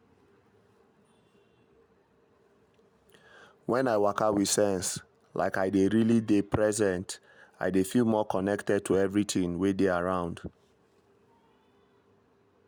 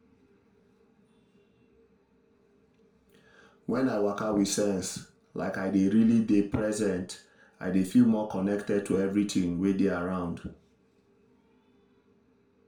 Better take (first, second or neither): first